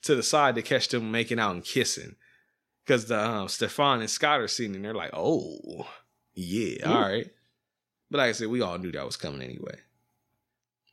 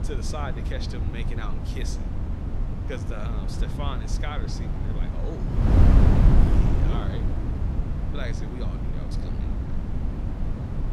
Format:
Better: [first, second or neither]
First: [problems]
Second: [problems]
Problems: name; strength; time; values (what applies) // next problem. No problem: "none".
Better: first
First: none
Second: wind noise on the microphone; heavy; 2 dB above the speech